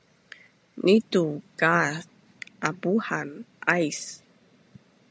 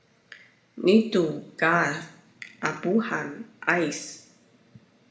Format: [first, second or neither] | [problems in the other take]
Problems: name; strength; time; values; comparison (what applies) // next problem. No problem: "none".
first | room echo; dies away in 0.6 s